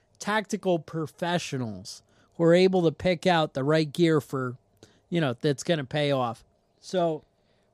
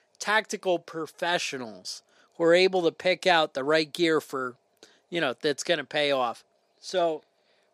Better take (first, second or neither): first